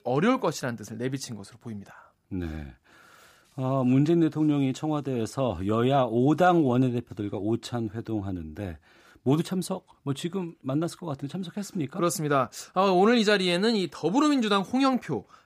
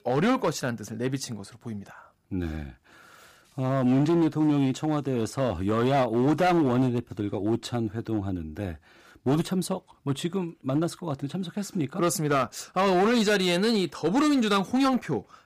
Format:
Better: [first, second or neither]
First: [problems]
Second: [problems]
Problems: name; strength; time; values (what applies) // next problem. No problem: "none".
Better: first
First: none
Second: distortion; slight; 7% of the sound clipped